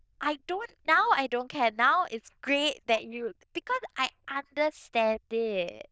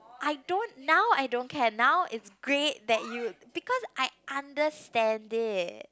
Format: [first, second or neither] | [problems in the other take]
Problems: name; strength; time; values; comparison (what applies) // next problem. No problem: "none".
second | noise reduction (neural diffusion model UNIVERSE++)